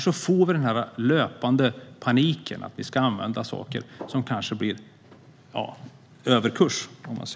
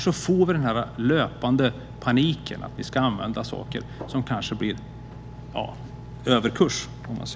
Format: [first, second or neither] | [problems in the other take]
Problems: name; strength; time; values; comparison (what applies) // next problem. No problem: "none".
first | background sound (Engine); 14 dB below the speech